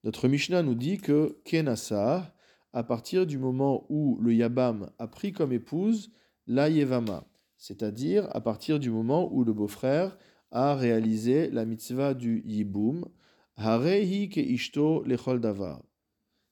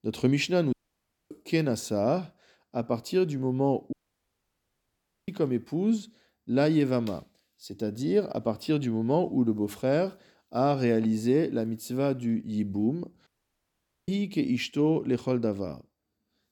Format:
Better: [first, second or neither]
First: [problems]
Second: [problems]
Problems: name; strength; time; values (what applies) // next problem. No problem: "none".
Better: first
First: none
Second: audio cutting out; at 0.5 s for 0.5 s, at 4 s for 1.5 s and at 13 s for 1 s